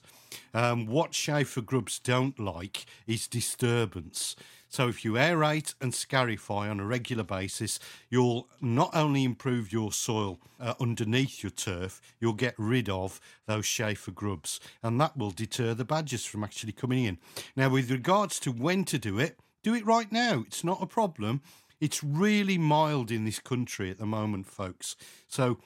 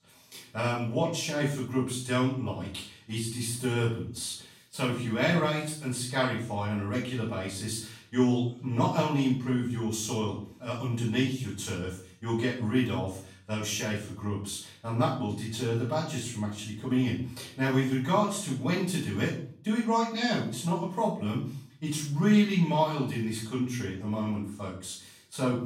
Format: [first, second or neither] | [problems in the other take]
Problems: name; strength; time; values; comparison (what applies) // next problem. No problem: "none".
first | off-mic speech; far // room echo; noticeable; dies away in 0.4 s